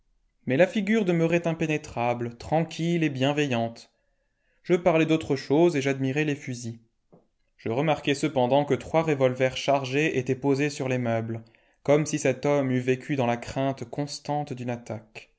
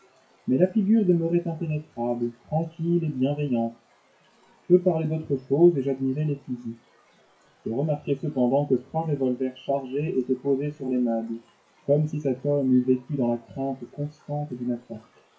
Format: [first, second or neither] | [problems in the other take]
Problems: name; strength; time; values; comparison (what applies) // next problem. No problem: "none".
first | noise reduction (classical method WPE with log-MMSE)